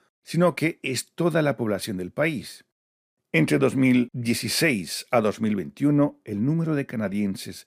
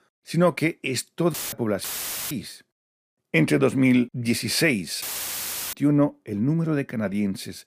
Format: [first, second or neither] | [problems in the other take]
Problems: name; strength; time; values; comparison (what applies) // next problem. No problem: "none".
first | audio cutting out; filled with static; at 1.5 s, at 2 s and at 5 s for 0.5 s